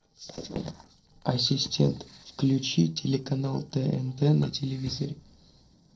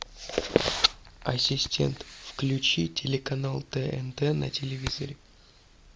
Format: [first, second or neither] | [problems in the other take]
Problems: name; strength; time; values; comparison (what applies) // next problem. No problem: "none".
second | noise reduction (neural separator model SepFormer DNS4)